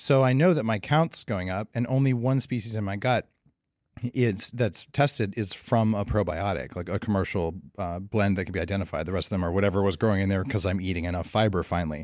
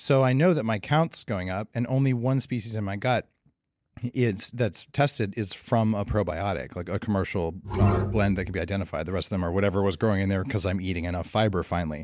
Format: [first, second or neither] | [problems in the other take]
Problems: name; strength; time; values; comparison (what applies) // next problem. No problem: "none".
first | background sound (Bowed string instrument); 1 dB above the speech